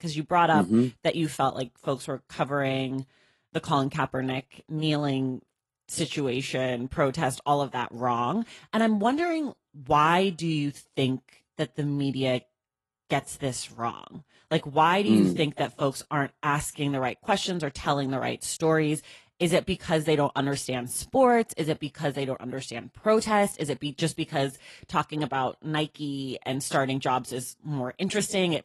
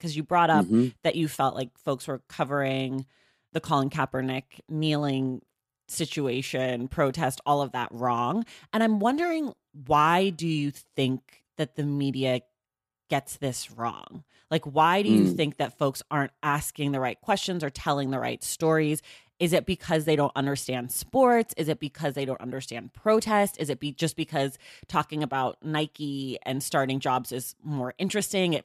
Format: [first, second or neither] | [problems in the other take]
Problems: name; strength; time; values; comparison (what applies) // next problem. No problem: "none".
second | garbled, watery; slightly; nothing above 11.5 kHz